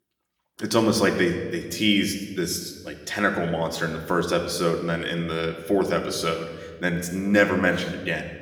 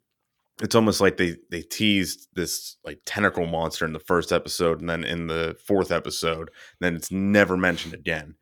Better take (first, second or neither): second